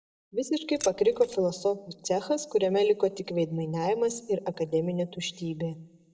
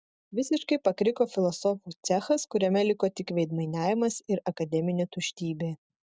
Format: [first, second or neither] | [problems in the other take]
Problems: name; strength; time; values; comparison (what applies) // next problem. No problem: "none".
second | noise reduction (neural separator model SepFormer DNS4)